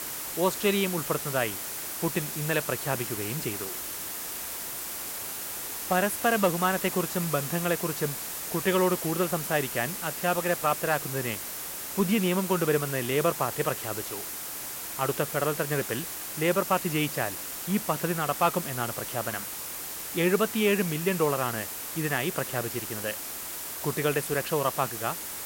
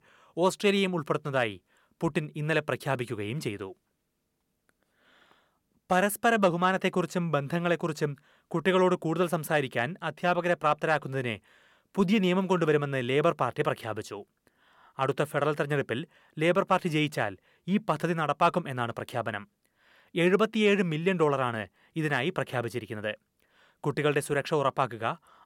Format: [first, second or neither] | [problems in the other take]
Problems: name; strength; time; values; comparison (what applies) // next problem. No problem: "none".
second | hiss; loud; throughout; 4 dB below the speech